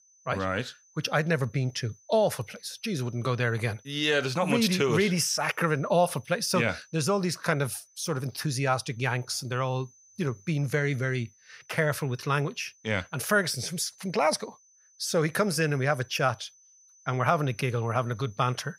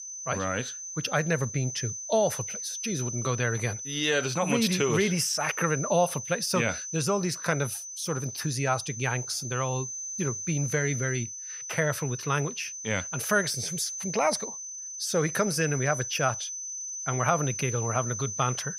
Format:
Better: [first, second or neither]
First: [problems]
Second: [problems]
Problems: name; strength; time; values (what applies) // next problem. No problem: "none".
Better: first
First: high-pitched whine; faint; throughout; 6 kHz, 30 dB below the speech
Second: high-pitched whine; loud; throughout; 6 kHz, 6 dB below the speech